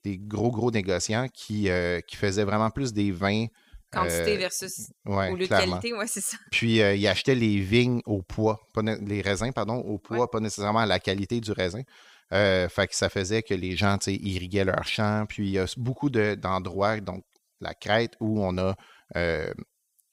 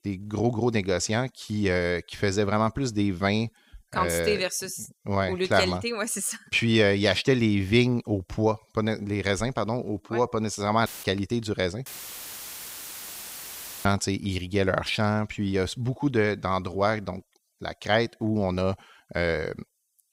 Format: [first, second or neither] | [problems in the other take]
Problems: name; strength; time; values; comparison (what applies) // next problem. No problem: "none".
first | audio cutting out; filled with static; at 11 s and at 12 s for 2 s